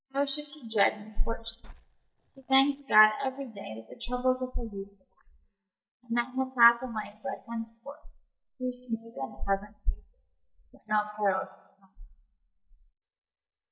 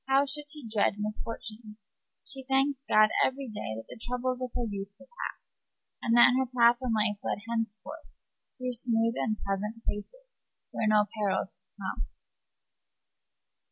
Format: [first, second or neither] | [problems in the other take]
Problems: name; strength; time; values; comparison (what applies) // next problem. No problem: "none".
second | noise reduction (neural mask model DeepFilterNet 3)